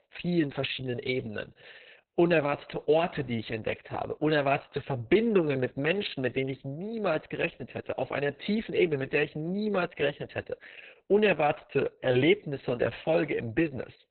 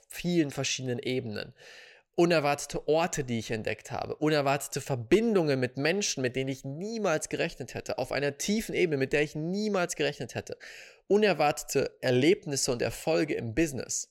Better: second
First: garbled, watery; badly; nothing above 4 kHz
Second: none

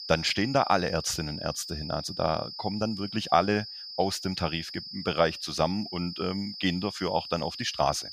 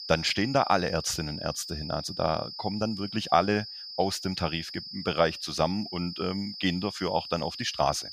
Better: neither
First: high-pitched whine; loud; throughout; 5 kHz, 9 dB below the speech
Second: high-pitched whine; loud; throughout; 5 kHz, 9 dB below the speech

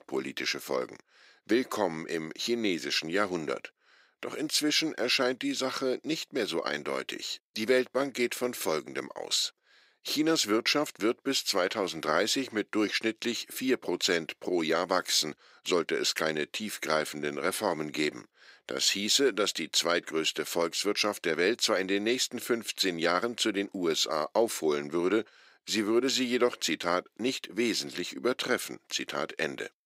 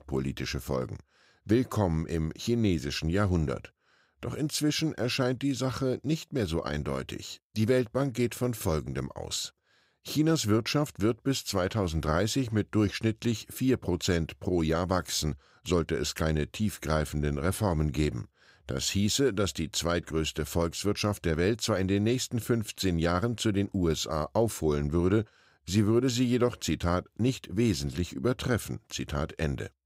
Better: second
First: thin; somewhat; fading below 300 Hz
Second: none

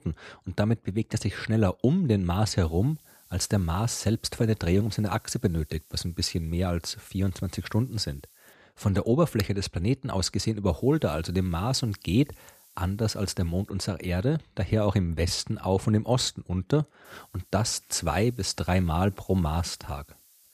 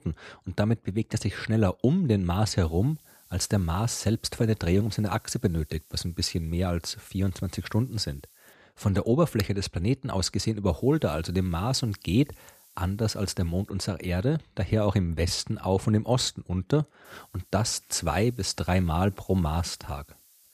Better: neither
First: hiss; faint; from 2.5 to 8.5 s, from 11 to 14 s and from 17 s on; 25 dB below the speech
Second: hiss; faint; from 2.5 to 8.5 s, from 11 to 14 s and from 17 s on; 25 dB below the speech

